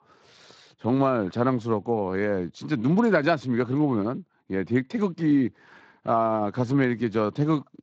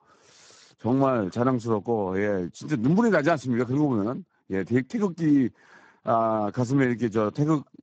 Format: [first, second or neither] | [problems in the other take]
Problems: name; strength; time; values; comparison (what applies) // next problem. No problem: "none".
first | garbled, watery; badly; nothing above 7.5 kHz; slightly in the first